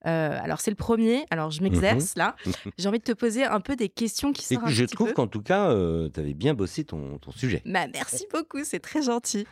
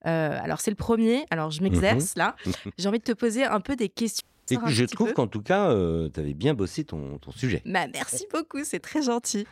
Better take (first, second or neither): first